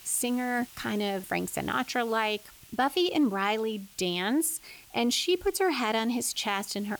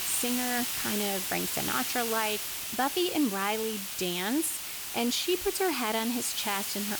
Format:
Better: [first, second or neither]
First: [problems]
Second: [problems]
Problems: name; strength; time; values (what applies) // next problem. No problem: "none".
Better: first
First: hiss; faint; throughout; 20 dB below the speech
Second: hiss; loud; throughout; 1 dB below the speech